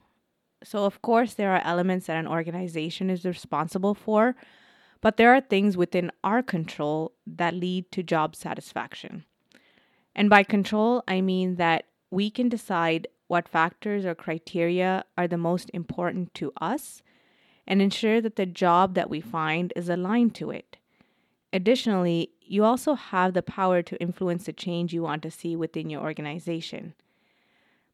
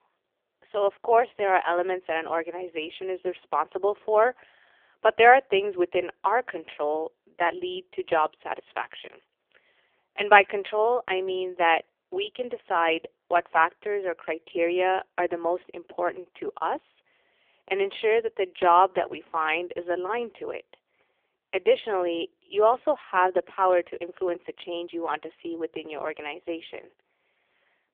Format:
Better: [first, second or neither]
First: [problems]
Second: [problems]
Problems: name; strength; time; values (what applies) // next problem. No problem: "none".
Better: first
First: none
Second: phone-call audio; poor line